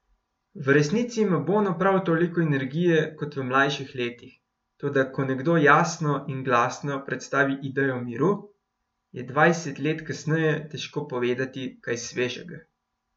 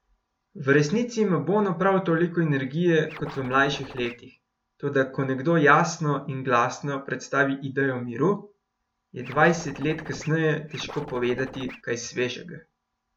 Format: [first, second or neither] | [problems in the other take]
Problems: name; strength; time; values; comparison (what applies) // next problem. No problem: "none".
first | background sound (Scratching (performance technique)); 16 dB below the speech